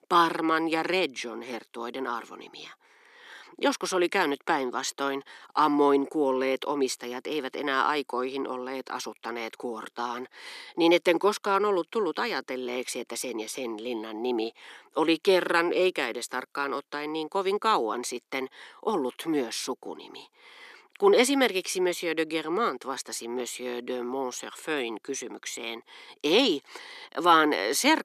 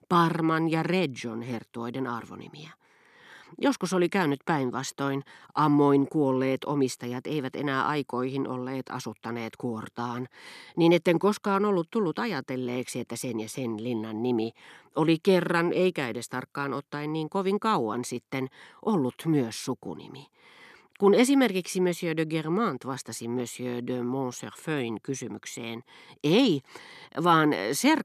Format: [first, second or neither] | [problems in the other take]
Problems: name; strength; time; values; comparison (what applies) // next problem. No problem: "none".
second | thin; somewhat; fading below 350 Hz